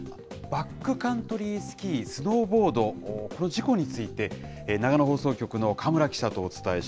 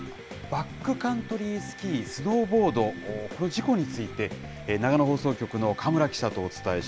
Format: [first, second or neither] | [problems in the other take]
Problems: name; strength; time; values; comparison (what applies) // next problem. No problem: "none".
first | background sound (Frying (food) + Wind instrument, woodwind instrument); 20 dB below the speech